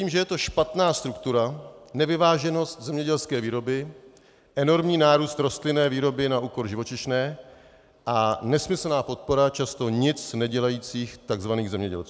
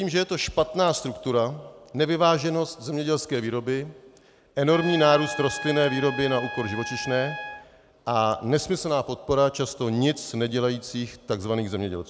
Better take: first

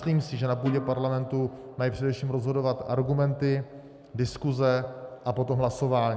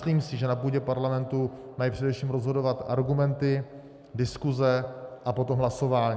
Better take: second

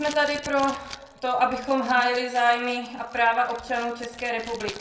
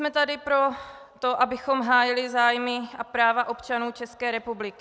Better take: second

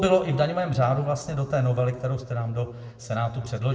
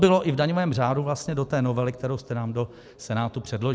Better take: second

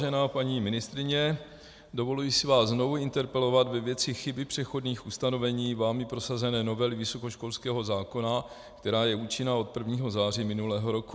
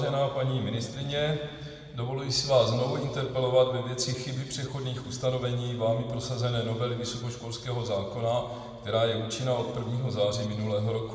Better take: first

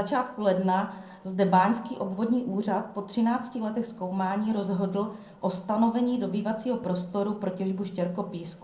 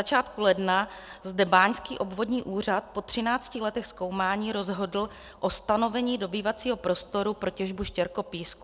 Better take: second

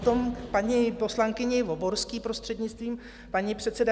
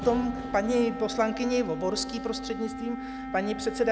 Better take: first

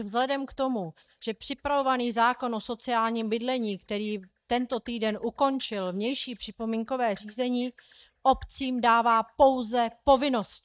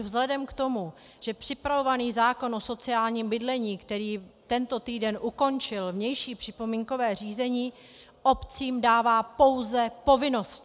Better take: second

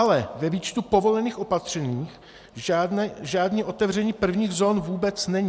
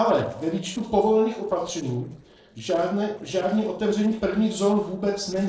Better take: first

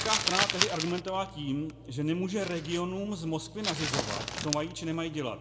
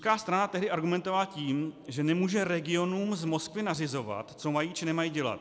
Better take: second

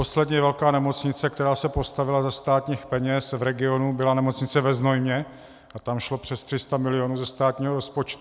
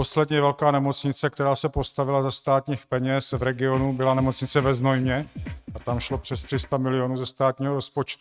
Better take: first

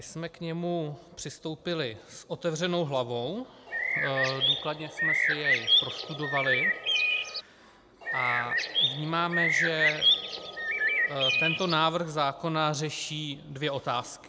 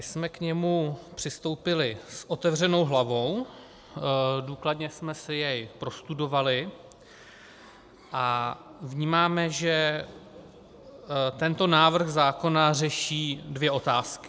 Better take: second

